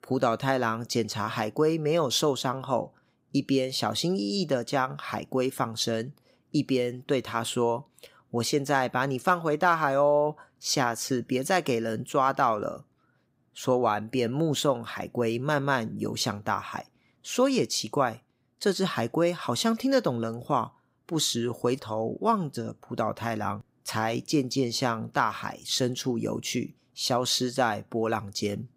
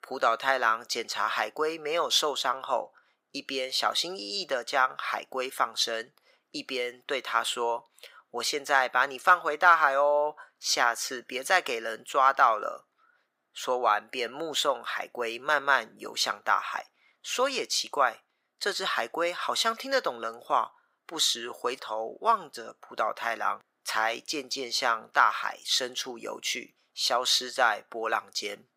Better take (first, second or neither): first